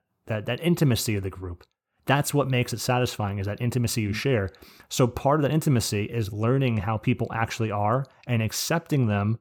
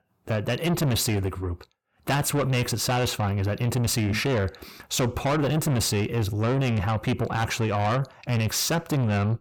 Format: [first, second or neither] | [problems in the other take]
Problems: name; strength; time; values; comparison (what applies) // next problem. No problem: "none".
first | distortion; heavy; 7 dB below the speech